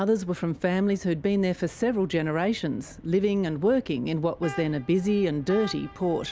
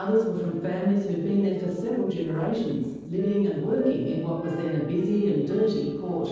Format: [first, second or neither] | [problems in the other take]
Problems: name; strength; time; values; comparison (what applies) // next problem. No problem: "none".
first | noise reduction (neural separator model SepFormer DNS4)